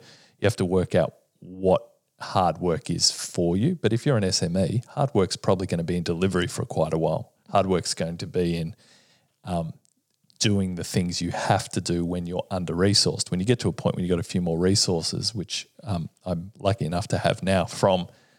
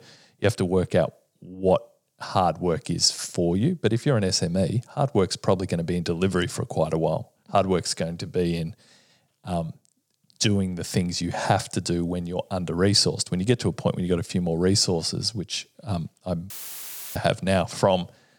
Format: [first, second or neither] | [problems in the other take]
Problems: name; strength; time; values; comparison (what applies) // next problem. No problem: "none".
first | audio cutting out; filled with static; at 17 s for 0.5 s